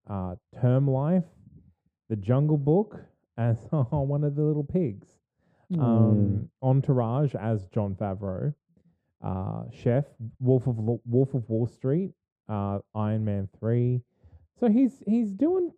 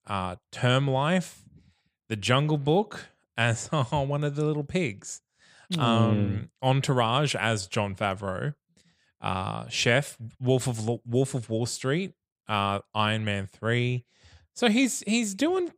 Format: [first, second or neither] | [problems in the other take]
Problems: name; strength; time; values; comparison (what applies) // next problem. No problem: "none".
second | muffled; very; fading above 1.5 kHz